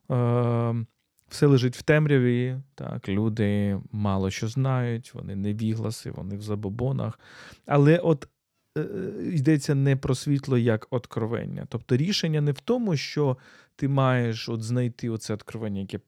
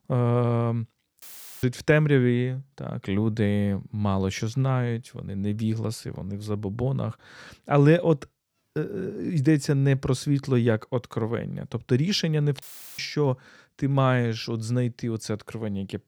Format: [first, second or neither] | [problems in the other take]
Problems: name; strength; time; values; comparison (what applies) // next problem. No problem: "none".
first | audio cutting out; filled with static; at 1 s and at 13 s